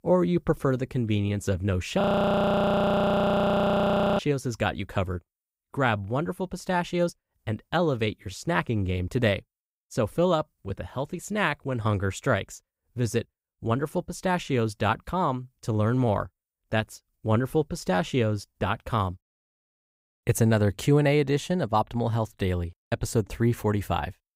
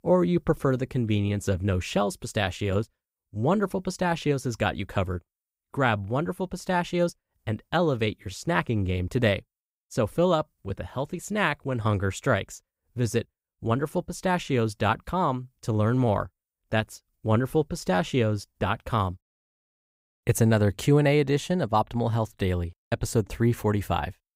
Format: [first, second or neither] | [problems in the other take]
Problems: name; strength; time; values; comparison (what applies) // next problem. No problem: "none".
second | audio freezing; at 2 s for 2 s